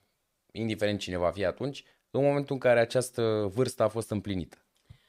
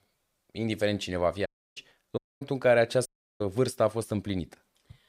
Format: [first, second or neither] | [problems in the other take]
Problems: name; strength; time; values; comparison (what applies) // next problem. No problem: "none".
first | audio cutting out; at 1.5 s, at 2 s and at 3 s